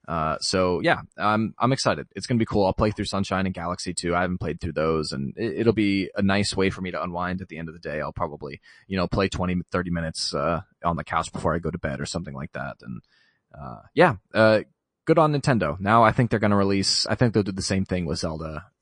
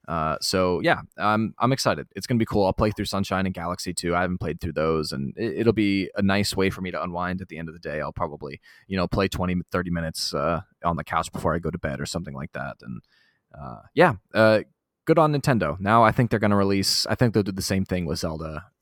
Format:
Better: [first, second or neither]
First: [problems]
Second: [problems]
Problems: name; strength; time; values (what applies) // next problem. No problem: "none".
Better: second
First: garbled, watery; slightly; nothing above 9 kHz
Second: none